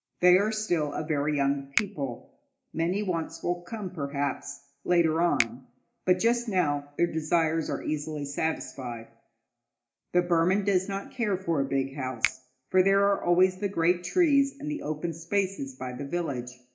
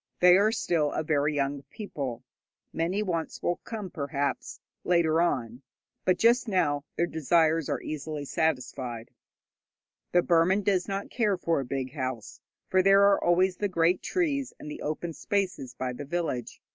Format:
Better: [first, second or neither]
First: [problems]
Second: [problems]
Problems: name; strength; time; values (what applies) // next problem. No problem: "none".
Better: second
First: background sound (Finger snapping); 12 dB below the speech // room echo; dies away in 0.4 s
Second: none